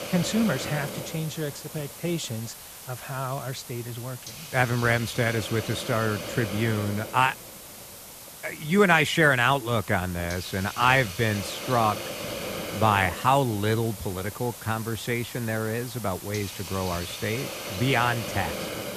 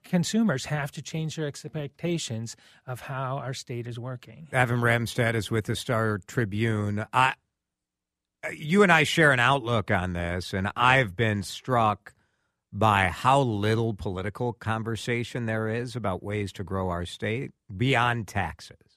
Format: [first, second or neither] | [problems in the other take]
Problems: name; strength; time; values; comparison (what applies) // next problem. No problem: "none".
second | hiss; loud; throughout; 10 dB below the speech